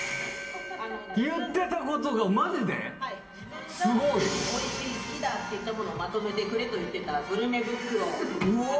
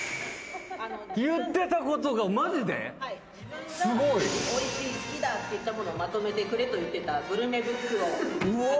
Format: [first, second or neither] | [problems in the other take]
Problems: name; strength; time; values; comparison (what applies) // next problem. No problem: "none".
second | background sound (Musical instrument); 19 dB below the speech // room echo; dies away in 0.5 s